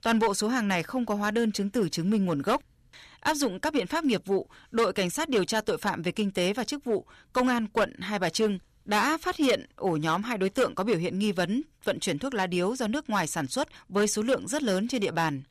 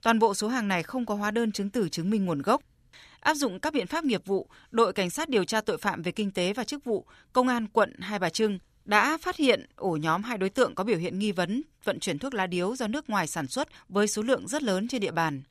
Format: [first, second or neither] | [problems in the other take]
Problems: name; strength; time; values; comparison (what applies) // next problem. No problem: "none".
second | distortion; slight; 4% of the sound clipped